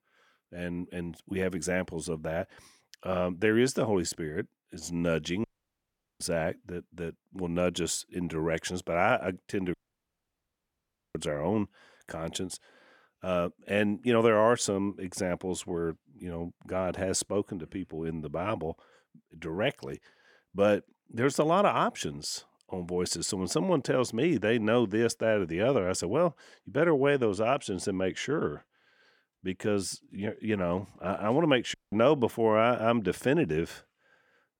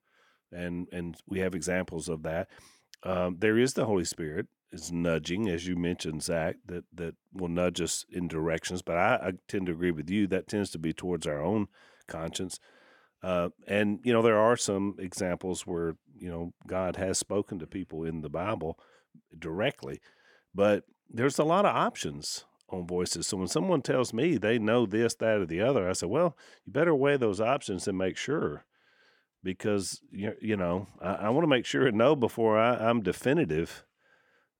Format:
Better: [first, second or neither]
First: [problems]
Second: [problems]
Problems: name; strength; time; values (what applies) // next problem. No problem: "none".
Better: second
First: audio cutting out; at 5.5 s for 1 s, at 9.5 s for 1.5 s and at 32 s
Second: none